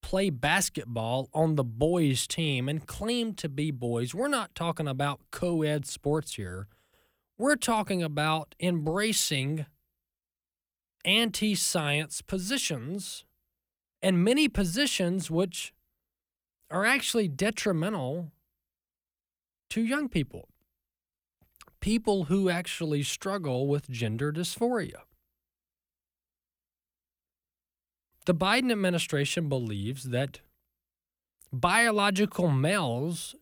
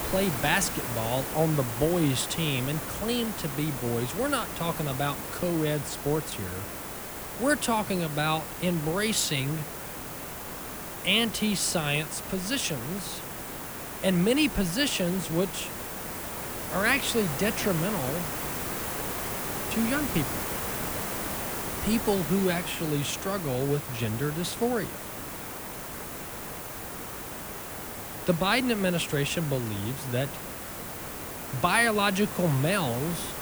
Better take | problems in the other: first | hiss; loud; throughout; 6 dB below the speech

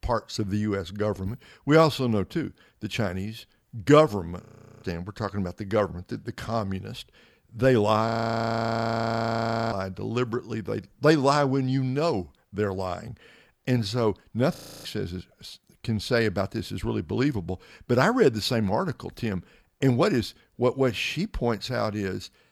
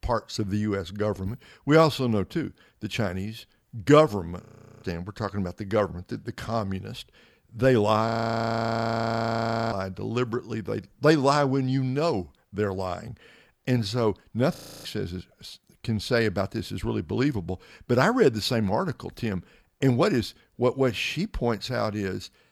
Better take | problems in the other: neither | audio freezing; at 4.5 s, at 8 s for 1.5 s and at 15 s; the same in both

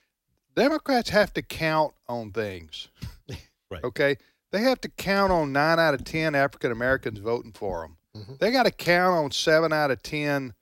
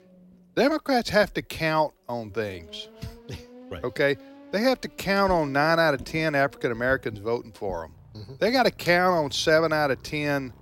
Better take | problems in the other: first | traffic noise; faint; throughout; 25 dB below the speech

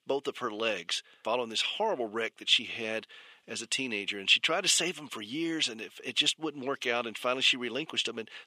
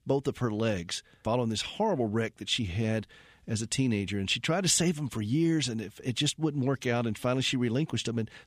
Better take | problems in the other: second | thin; somewhat; fading below 450 Hz

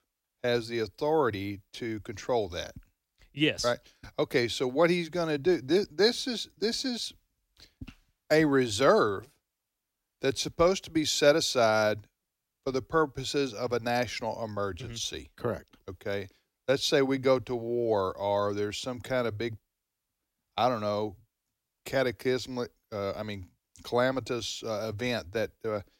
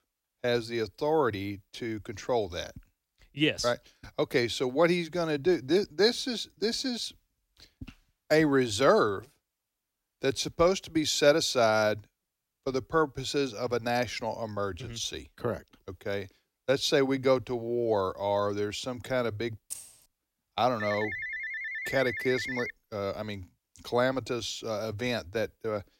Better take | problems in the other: first | jangling keys; faint; at 20 s; peak 10 dB below the speech // phone ringing; noticeable; from 21 to 23 s; peak 4 dB below the speech

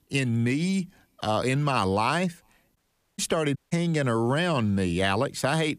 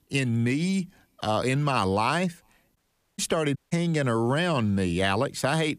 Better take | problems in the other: neither | audio cutting out; at 3 s and at 3.5 s; the same in both

